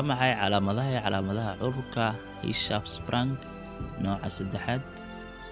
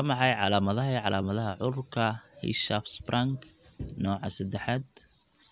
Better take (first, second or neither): second